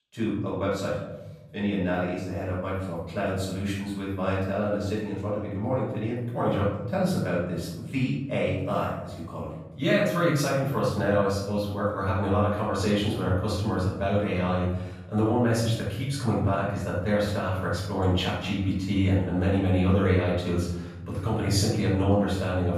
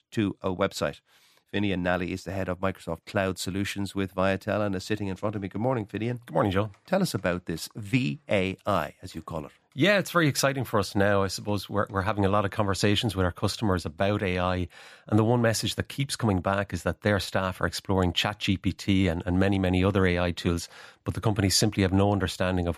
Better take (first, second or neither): second